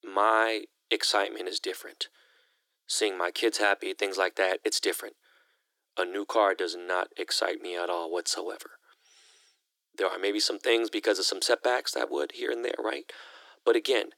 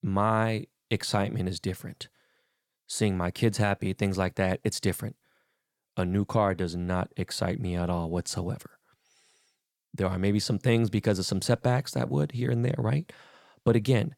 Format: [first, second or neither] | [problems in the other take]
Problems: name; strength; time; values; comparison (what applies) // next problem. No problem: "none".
second | thin; very; fading below 300 Hz